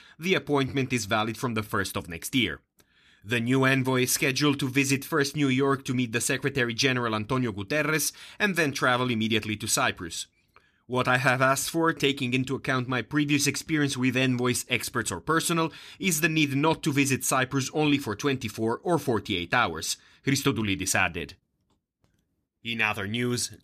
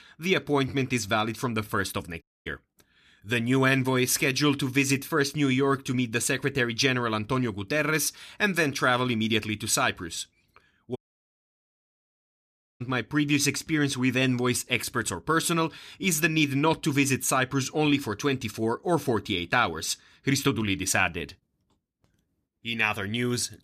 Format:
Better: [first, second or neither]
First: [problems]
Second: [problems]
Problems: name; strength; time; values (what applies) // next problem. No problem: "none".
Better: first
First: none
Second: audio cutting out; at 2 s and at 11 s for 2 s